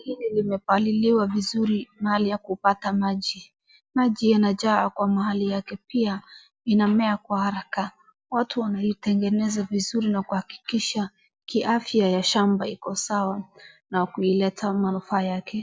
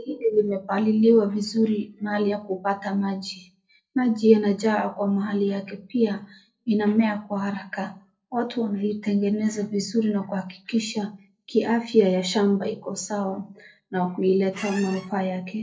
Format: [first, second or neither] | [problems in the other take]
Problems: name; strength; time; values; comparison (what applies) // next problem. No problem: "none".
first | noise reduction (neural separator model SepFormer DNS4)